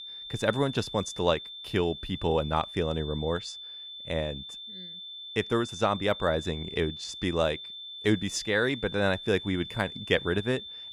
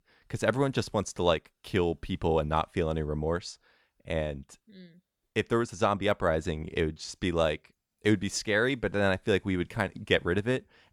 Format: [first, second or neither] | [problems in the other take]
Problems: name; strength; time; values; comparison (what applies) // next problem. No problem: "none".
second | high-pitched whine; loud; throughout; 3.5 kHz, 10 dB below the speech